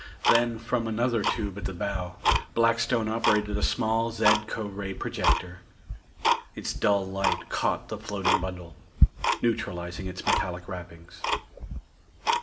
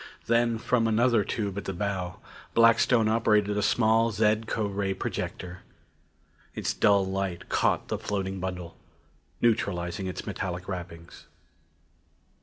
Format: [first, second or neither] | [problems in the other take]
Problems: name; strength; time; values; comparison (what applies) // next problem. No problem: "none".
second | background sound (Tick-tock); as loud as the speech // room echo; dies away in 0.4 s